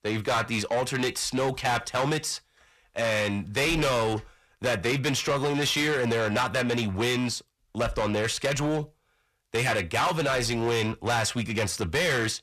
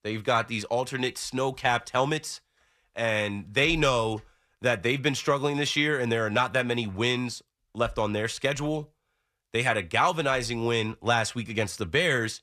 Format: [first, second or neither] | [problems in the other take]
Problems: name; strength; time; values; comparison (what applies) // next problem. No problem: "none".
second | distortion; heavy; 6 dB below the speech